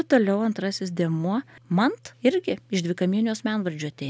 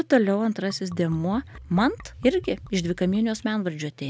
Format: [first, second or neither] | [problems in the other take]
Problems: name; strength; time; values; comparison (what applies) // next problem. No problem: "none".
first | background sound (Liquid); 20 dB below the speech